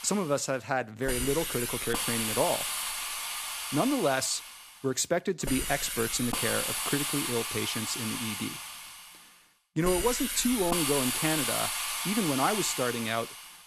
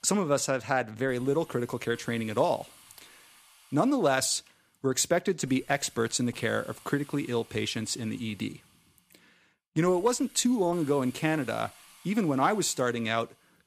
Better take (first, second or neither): second